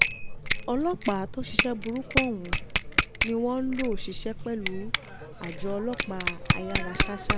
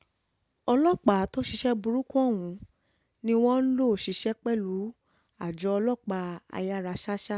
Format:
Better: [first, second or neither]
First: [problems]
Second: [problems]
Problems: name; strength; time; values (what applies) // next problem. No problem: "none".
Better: second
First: background sound (Bicycle bell); 2 dB above the speech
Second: none